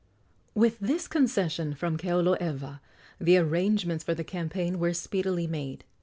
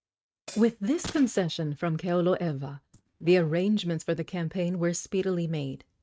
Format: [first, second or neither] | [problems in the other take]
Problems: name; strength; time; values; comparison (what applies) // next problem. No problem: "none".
first | noise reduction (neural mask model RNNoise)